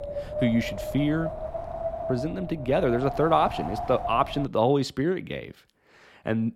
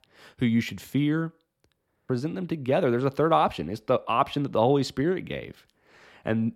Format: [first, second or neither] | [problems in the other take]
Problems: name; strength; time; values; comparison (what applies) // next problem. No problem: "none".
second | wind noise on the microphone; heavy; until 4.5 s; 6 dB below the speech